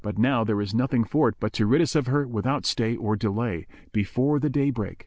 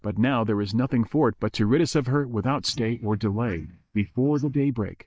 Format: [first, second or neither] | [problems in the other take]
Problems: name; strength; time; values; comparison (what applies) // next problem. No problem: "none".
first | noise reduction (neural mask model DeepFilterNet 3)